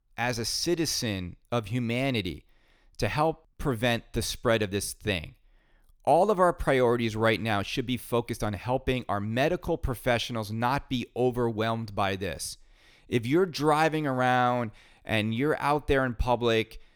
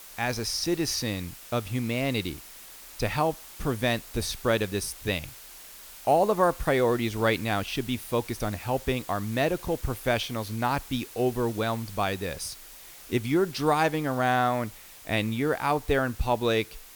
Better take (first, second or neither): first